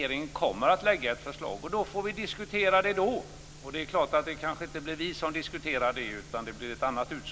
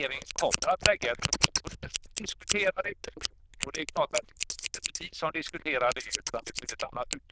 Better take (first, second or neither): first